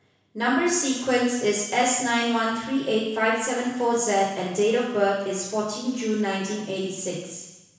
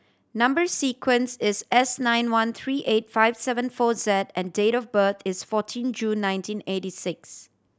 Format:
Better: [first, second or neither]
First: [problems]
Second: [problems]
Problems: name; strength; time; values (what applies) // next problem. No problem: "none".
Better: second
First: room echo; dies away in 1.1 s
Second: none